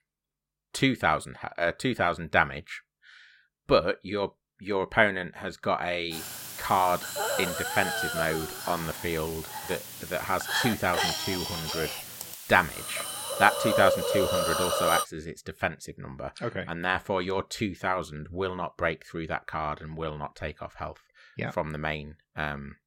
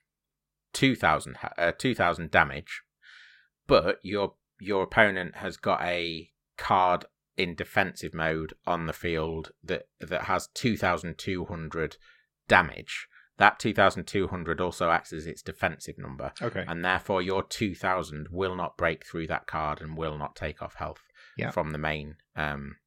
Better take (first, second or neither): second